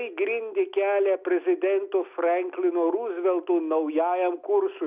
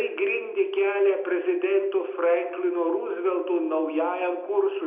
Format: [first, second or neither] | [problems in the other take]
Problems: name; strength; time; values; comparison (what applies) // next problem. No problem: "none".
first | room echo; dies away in 0.7 s